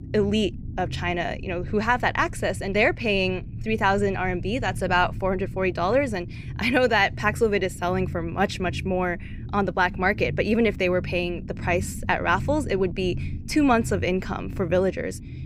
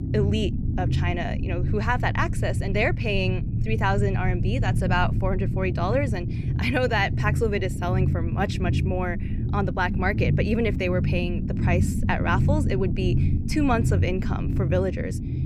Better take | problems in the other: first | low rumble; loud; throughout; 9 dB below the speech; faint in the first

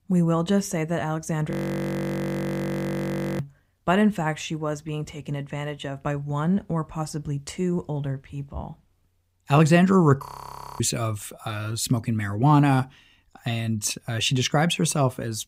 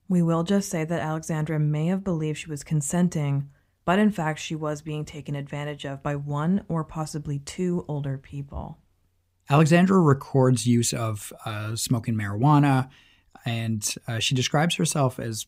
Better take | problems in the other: second | audio freezing; at 1.5 s for 2 s and at 10 s for 0.5 s

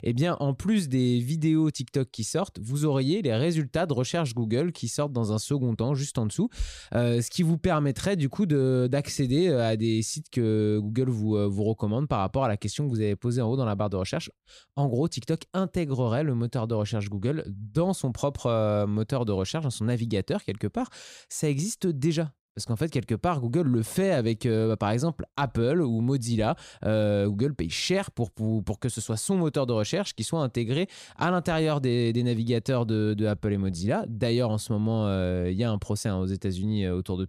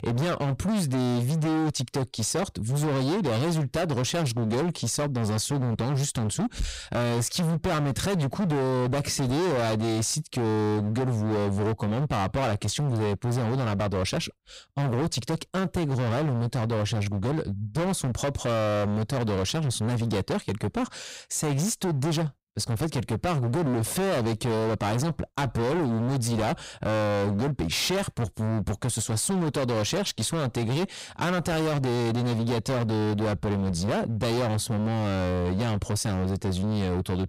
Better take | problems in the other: first | distortion; heavy; 35% of the sound clipped

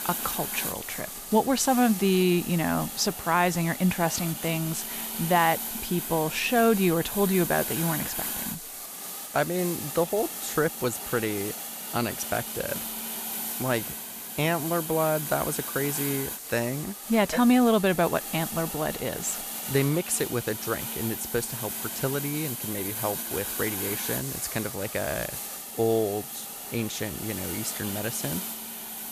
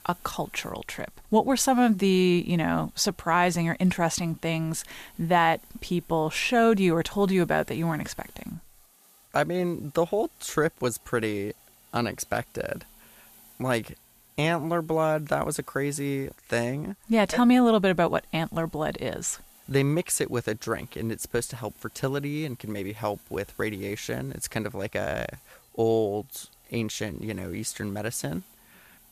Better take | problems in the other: second | hiss; loud; throughout; 5 dB below the speech; faint in the second

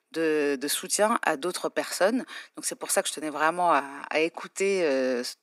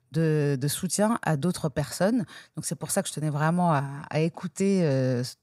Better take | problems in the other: second | thin; somewhat; fading below 250 Hz

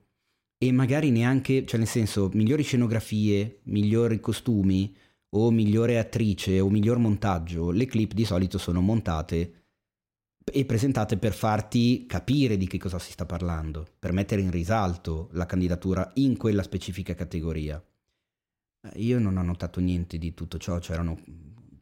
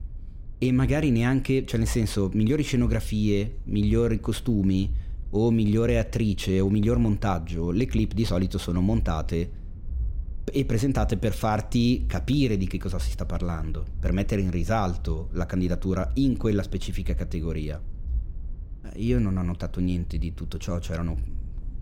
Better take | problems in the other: first | low rumble; faint; throughout; 25 dB below the speech

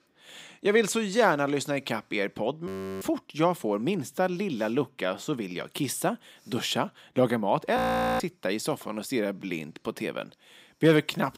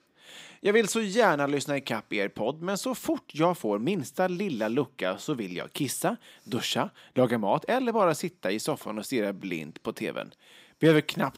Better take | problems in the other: second | audio freezing; at 2.5 s and at 8 s

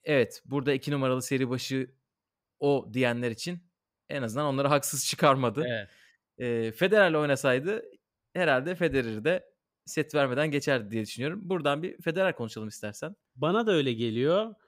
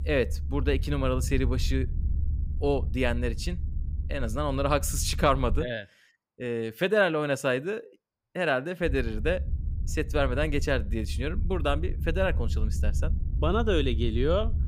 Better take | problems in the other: first | low rumble; faint; until 5.5 s and from 9 s on; 20 dB below the speech

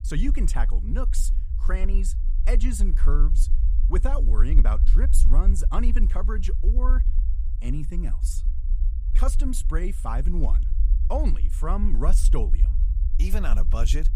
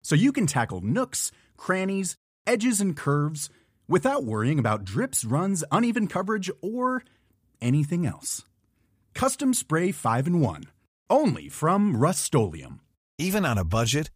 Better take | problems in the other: second | low rumble; noticeable; throughout; 10 dB below the speech

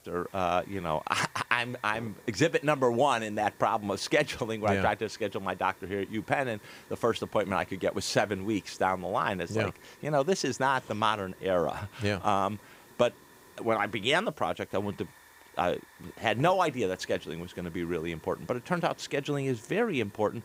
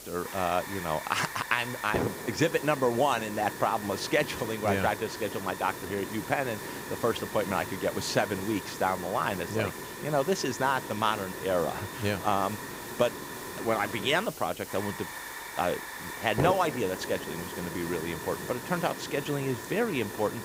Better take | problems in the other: first | hiss; loud; throughout; 7 dB below the speech; faint in the first

